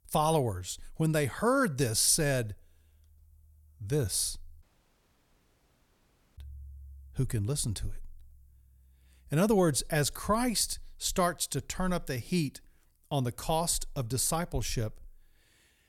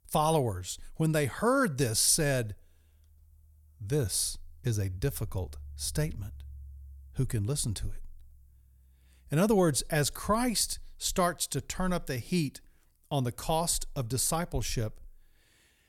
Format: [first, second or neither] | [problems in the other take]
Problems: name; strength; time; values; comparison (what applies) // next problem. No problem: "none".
second | audio cutting out; at 4.5 s for 2 s